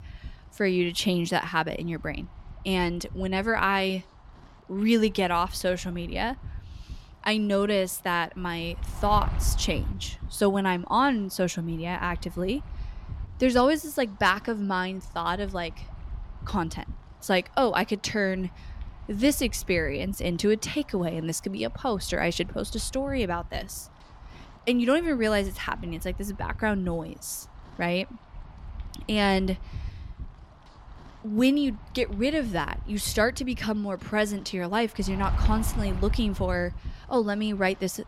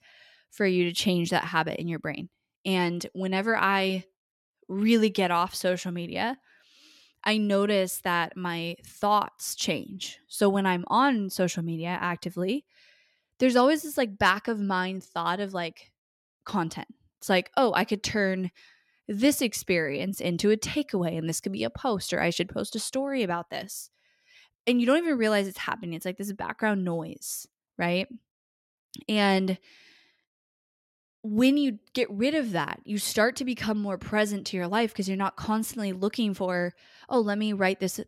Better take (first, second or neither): second